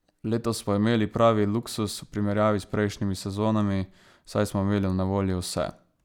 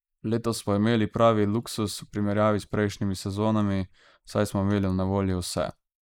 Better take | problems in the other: first | noise reduction (neural mask model Resemble Enhance denoiser)

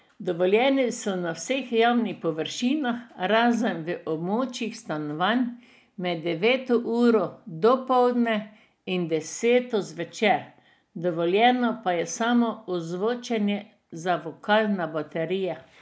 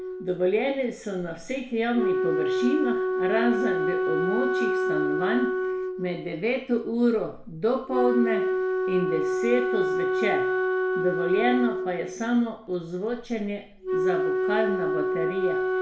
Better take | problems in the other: first | background sound (Wind instrument, woodwind instrument); 1 dB above the speech // room echo; dies away in 0.4 s

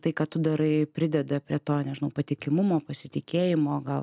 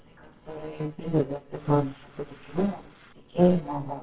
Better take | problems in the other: first | noise reduction (neural separator model SepFormer WHAMR!)

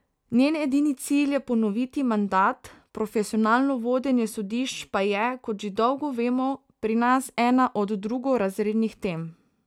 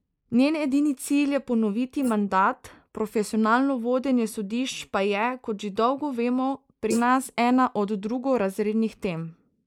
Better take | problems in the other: first | noise reduction (neural mask model Resemble Enhance denoiser)

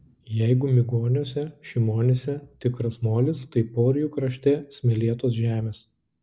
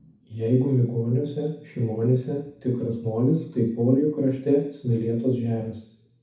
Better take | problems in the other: first | room echo; dies away in 0.6 s

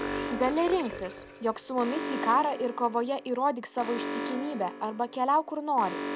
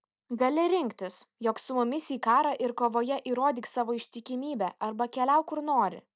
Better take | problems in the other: second | background sound (Alarm); 8 dB below the speech

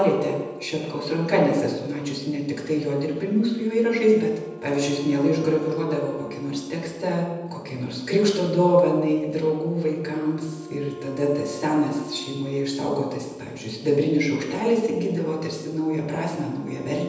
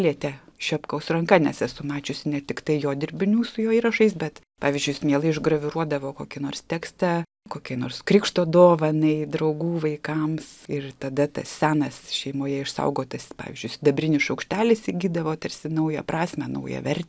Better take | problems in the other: second | background sound (Wind instrument, woodwind instrument); 20 dB below the speech // room echo; dies away in 1.1 s

